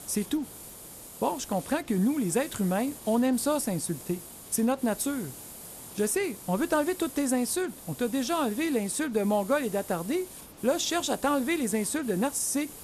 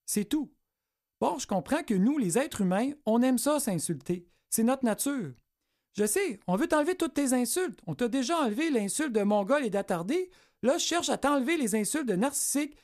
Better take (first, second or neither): second